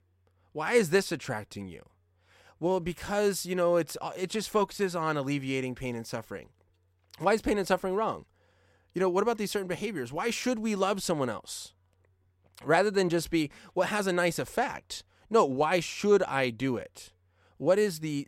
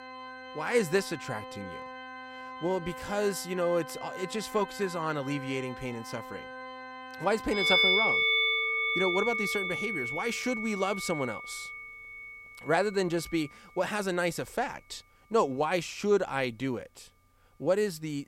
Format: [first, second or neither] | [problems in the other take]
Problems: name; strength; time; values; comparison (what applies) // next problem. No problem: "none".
first | background music; very loud; throughout; as loud as the speech